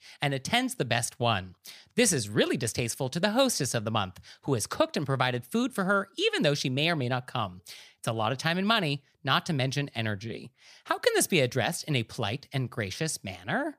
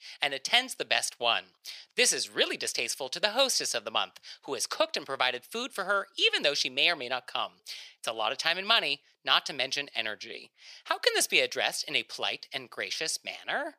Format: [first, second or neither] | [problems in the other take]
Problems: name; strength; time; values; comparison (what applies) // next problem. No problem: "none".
first | thin; very; fading below 550 Hz